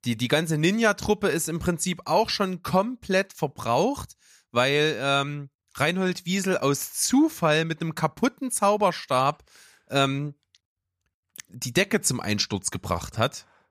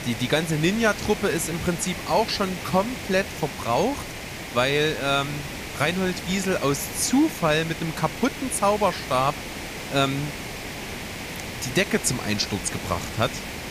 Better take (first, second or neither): first